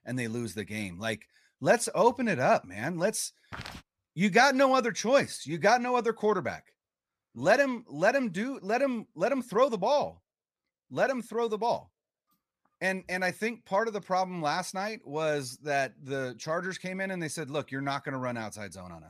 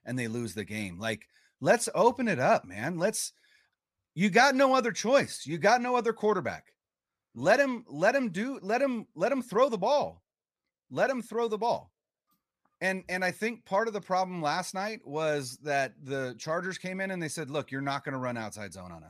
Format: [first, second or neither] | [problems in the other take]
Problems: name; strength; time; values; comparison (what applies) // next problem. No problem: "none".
second | footsteps; faint; at 3.5 s; peak 15 dB below the speech